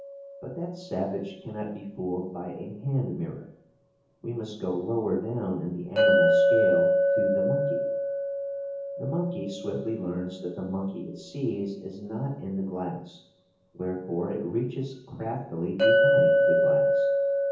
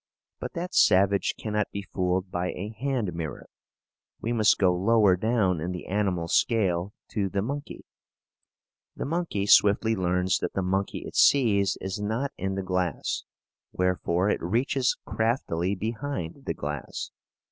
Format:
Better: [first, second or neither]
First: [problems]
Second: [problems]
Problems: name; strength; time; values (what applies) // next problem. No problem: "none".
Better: second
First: background sound (Chink, clink); 4 dB above the speech // room echo; dies away in 0.7 s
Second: none